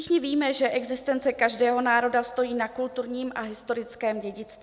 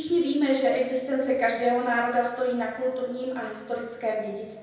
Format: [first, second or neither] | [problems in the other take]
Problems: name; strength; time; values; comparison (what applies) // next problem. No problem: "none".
first | room echo; dies away in 0.9 s